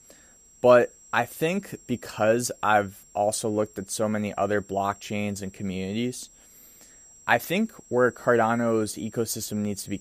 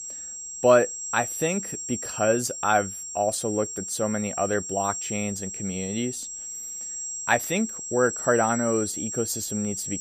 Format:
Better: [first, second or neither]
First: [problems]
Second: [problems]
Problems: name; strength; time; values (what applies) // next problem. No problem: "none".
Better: first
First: high-pitched whine; faint; throughout; 7.5 kHz, 25 dB below the speech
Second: high-pitched whine; loud; throughout; 7.5 kHz, 5 dB below the speech